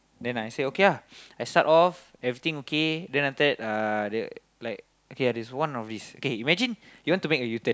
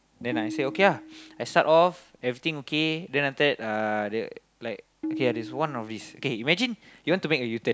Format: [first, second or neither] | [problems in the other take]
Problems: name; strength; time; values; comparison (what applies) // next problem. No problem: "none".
first | background sound (Tabla); 11 dB below the speech